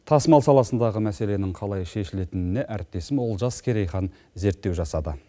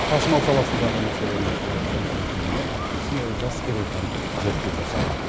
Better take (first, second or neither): first